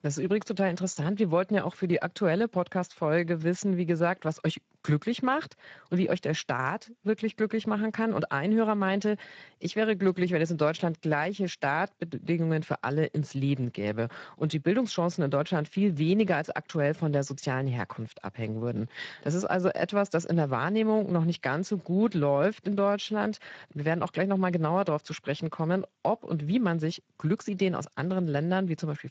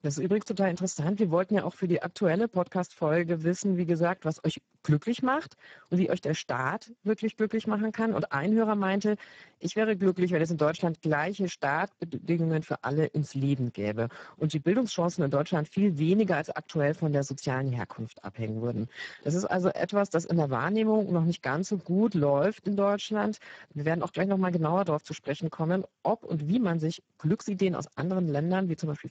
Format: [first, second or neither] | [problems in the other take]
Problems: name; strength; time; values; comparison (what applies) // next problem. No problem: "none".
first | garbled, watery; badly; nothing above 7.5 kHz; slightly in the first